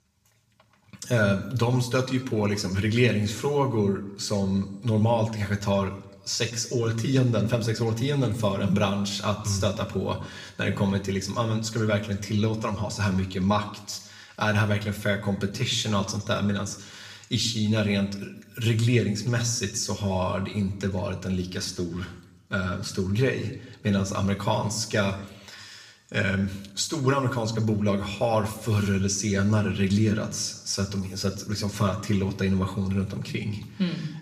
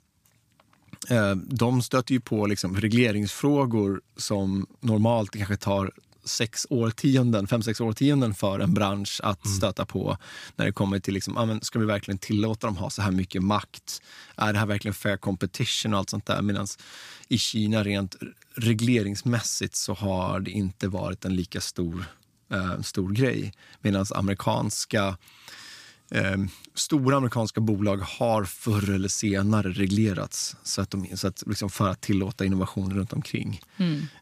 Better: second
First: room echo; slight; dies away in 0.6 s // off-mic speech; somewhat distant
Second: none

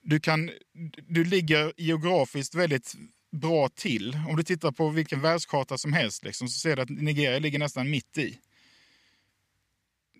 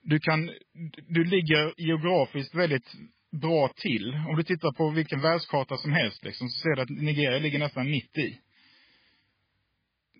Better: first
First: none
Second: garbled, watery; badly; nothing above 5 kHz

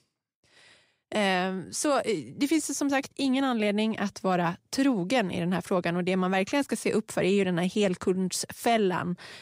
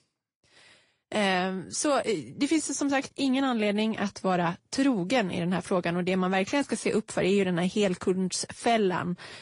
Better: first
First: none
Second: garbled, watery; slightly; nothing above 10.5 kHz

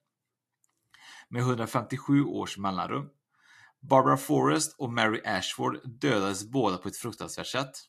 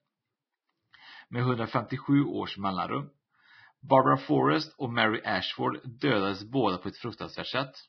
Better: first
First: garbled, watery; slightly; nothing above 13 kHz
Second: garbled, watery; badly; nothing above 5 kHz

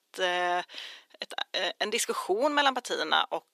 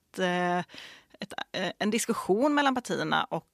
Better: second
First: thin; somewhat; fading below 400 Hz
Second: none

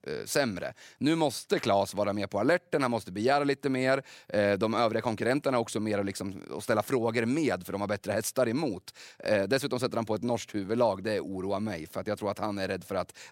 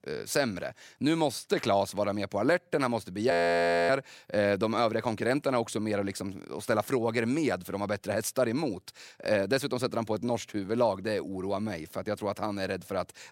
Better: first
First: none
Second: audio freezing; at 3.5 s for 0.5 s

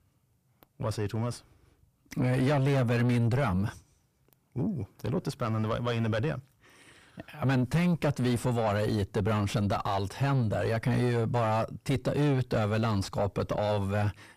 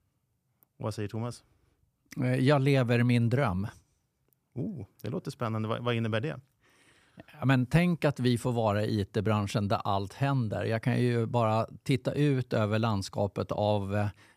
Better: second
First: distortion; heavy; 5 dB below the speech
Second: none

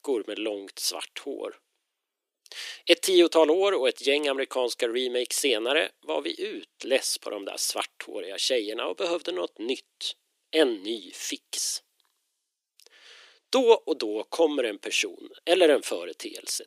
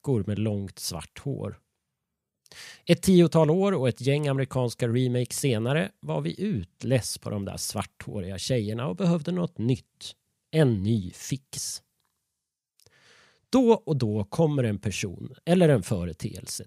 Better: second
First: thin; very; fading below 300 Hz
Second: none

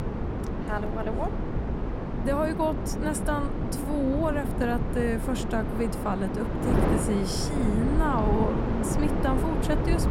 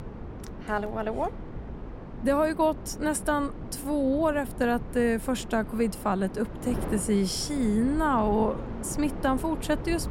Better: second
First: wind noise on the microphone; heavy; 3 dB below the speech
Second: wind noise on the microphone; occasional gusts; 15 dB below the speech

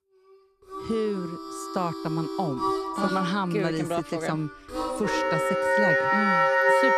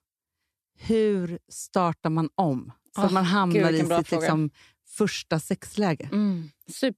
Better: second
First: background music; very loud; throughout; 5 dB above the speech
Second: none

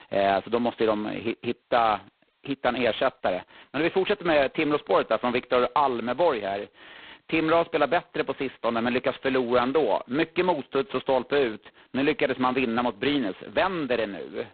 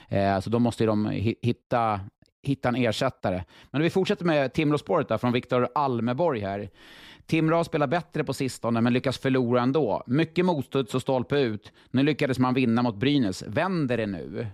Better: second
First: phone-call audio; poor line; nothing above 4 kHz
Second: none

